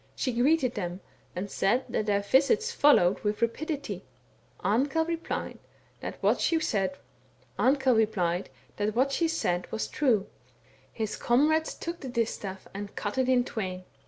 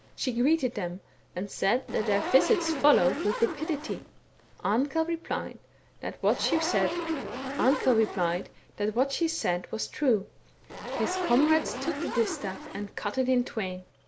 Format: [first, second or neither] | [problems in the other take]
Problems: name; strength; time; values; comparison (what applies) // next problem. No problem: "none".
first | background sound (Zipper (clothing)); 8 dB below the speech